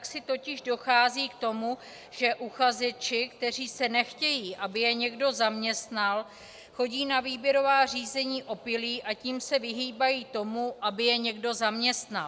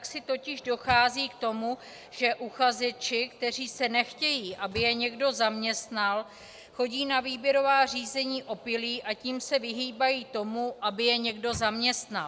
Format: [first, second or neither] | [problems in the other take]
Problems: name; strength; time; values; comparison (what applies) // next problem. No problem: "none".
first | background sound (Microwave oven); 17 dB below the speech